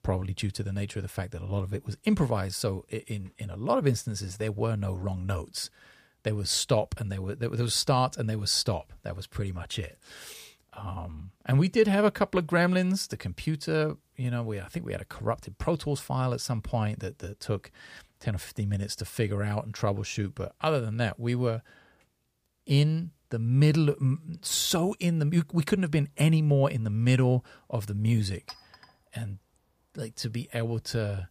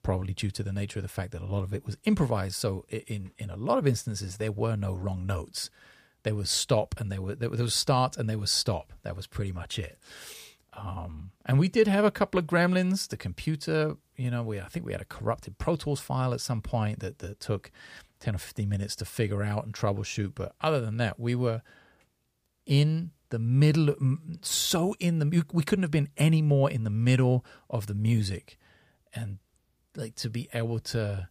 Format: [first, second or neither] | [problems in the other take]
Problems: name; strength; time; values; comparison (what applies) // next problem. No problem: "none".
second | clattering dishes; faint; at 28 s; peak 15 dB below the speech